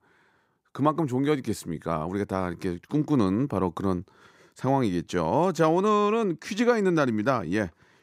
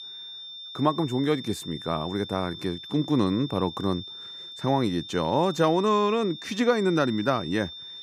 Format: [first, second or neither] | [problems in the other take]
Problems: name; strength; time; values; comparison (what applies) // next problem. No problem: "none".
first | high-pitched whine; noticeable; throughout; 3.5 kHz, 10 dB below the speech